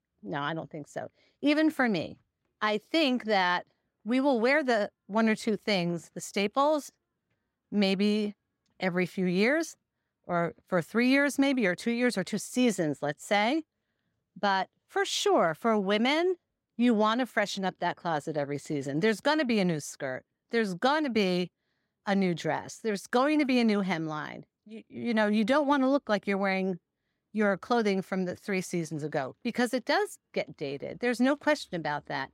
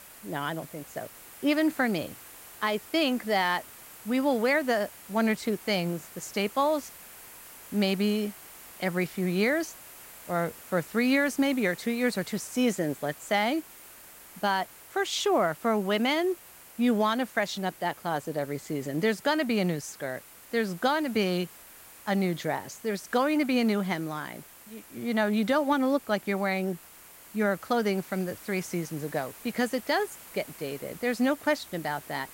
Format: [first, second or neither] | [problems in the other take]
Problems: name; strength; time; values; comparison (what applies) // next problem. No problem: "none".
first | hiss; noticeable; throughout; 20 dB below the speech